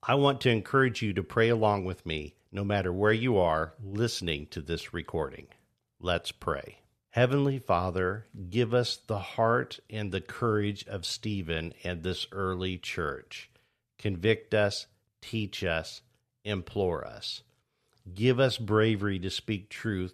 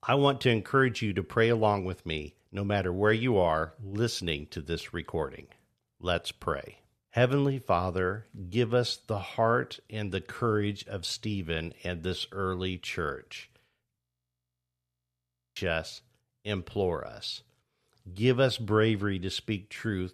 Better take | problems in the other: first | audio freezing; at 14 s for 1.5 s

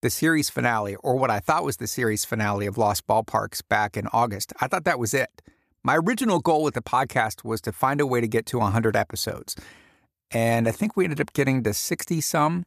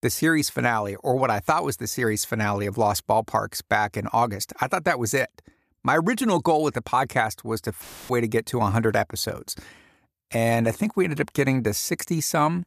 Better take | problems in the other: first | audio cutting out; filled with static; at 8 s

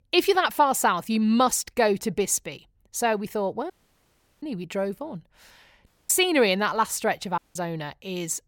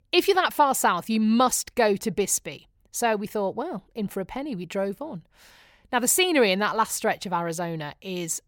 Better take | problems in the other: second | audio cutting out; at 3.5 s for 0.5 s, at 6 s and at 7.5 s

